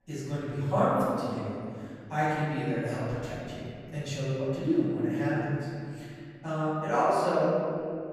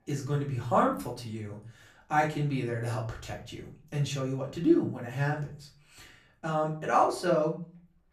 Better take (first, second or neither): second